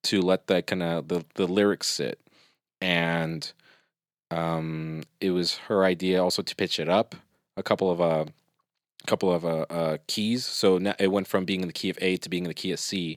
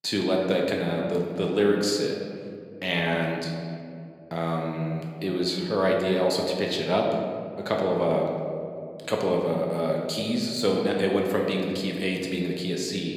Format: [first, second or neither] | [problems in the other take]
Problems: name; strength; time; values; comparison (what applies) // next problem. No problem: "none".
first | room echo; noticeable; dies away in 1.9 s